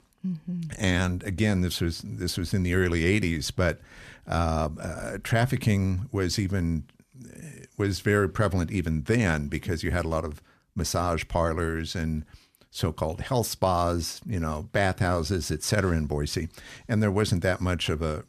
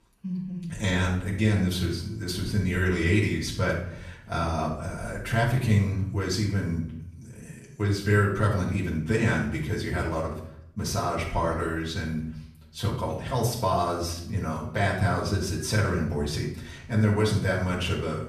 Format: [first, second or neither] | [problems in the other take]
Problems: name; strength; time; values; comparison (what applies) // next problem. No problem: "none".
first | off-mic speech; far // room echo; noticeable; dies away in 0.6 s